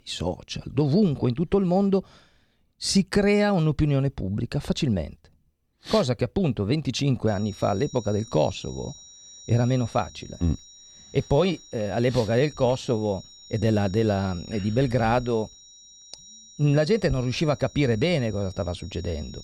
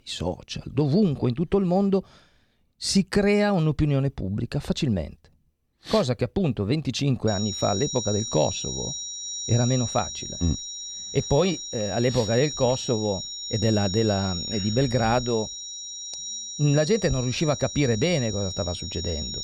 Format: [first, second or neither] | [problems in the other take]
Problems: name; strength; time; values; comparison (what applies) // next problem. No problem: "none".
first | high-pitched whine; loud; from 7.5 s on; 5.5 kHz, 6 dB below the speech; faint in the first